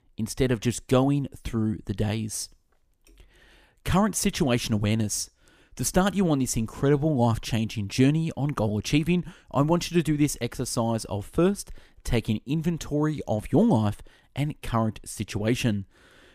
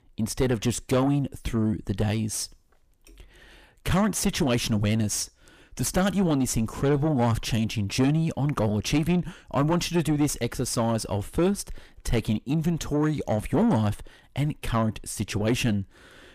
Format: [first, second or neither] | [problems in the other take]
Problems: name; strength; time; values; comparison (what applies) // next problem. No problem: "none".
first | distortion; slight; 10 dB below the speech